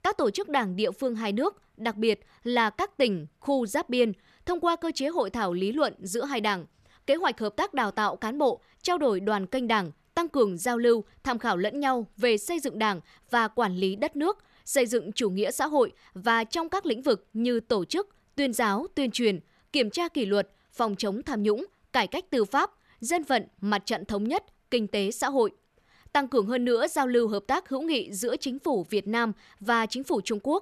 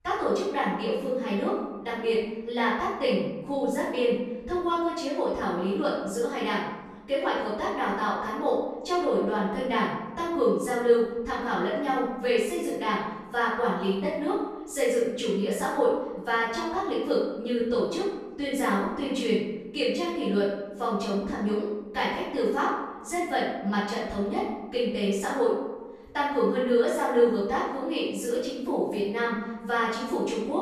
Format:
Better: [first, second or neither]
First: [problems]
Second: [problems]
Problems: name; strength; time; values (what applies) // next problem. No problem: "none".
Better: first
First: none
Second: off-mic speech; far // room echo; strong; dies away in 0.9 s